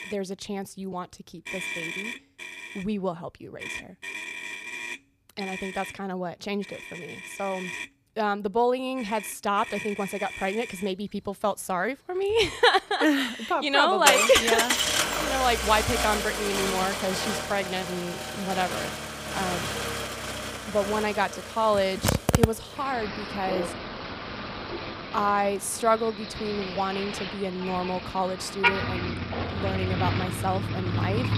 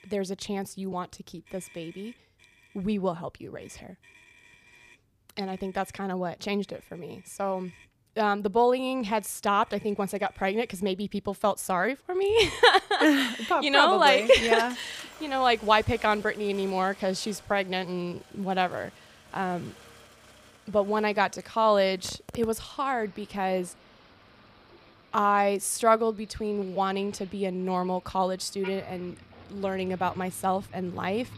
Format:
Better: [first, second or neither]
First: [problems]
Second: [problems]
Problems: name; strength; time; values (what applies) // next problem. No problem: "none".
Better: second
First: traffic noise; loud; throughout; 2 dB below the speech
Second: traffic noise; faint; throughout; 25 dB below the speech